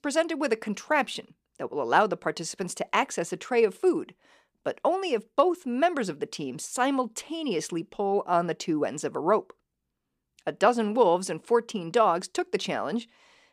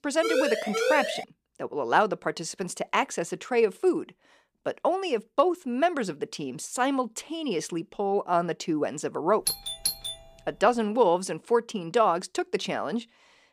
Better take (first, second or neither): first